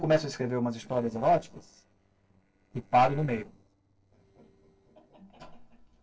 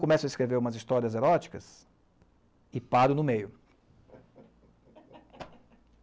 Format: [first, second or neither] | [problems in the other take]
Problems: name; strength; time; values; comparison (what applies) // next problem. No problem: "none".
second | noise reduction (neural separator model SepFormer DNS4)